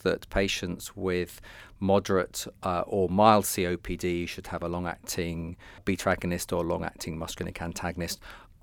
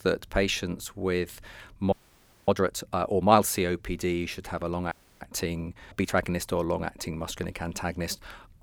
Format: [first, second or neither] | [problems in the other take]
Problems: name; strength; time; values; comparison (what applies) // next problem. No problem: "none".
first | audio freezing; at 2 s for 0.5 s and at 5 s